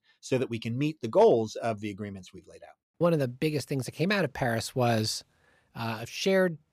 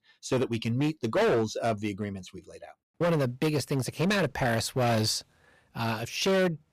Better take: first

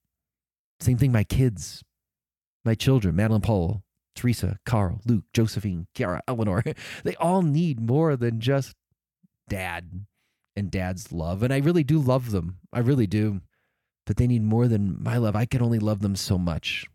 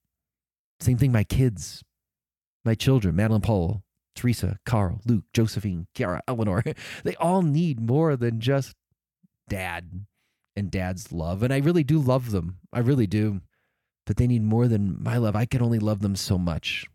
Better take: neither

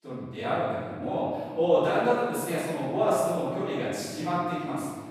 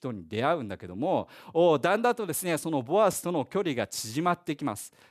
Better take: second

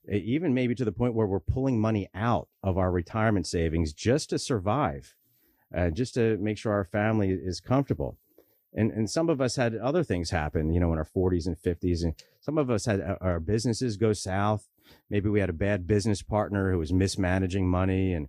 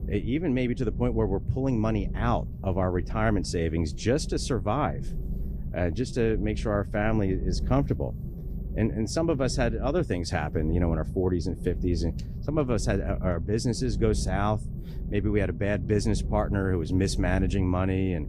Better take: first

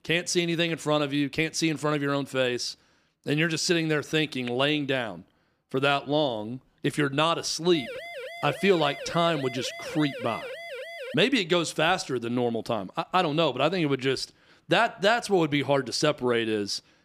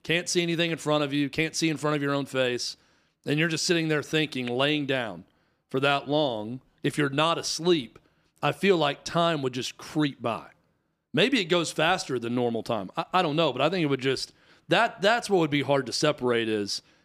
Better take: second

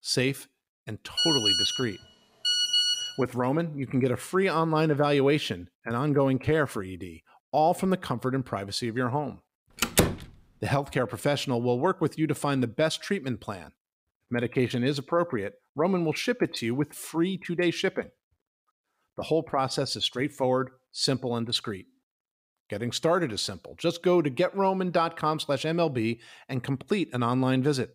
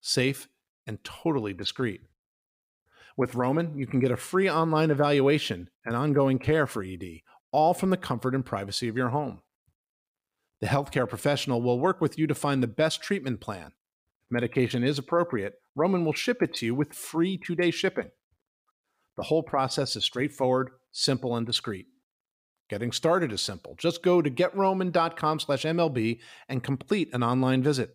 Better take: second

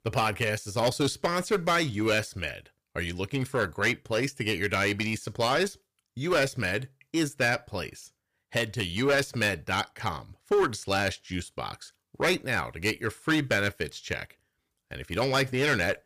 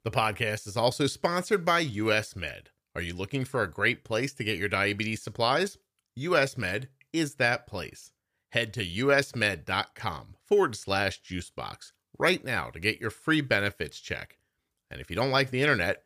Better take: second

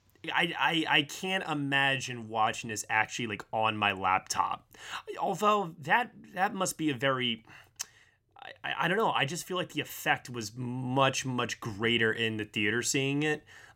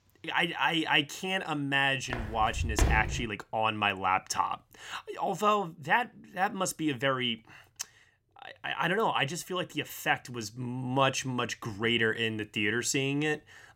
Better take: first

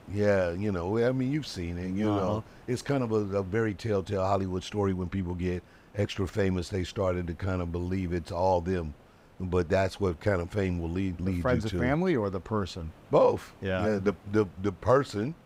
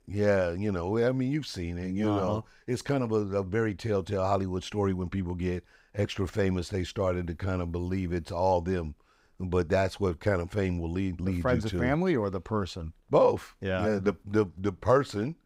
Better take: second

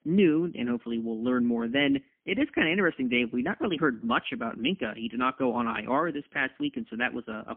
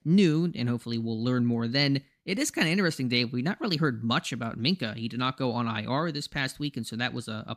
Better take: second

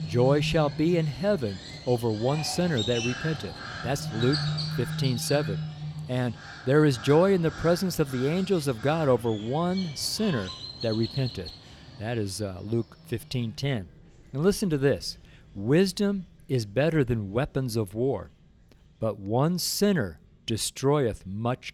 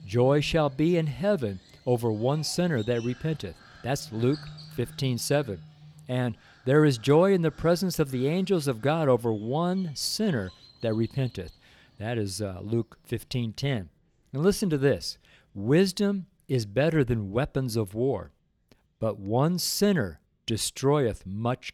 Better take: second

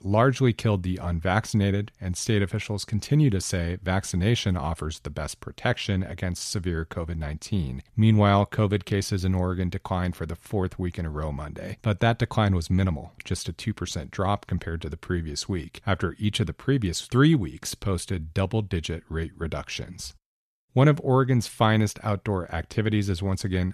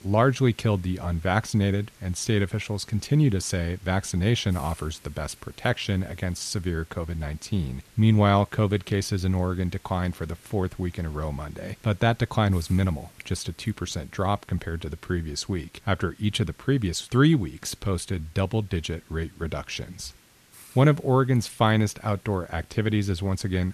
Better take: first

